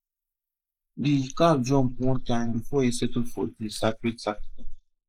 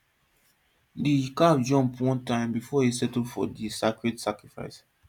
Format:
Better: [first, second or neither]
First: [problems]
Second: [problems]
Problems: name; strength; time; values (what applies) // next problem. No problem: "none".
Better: second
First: noise reduction (neural mask model Resemble Enhance denoiser)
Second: none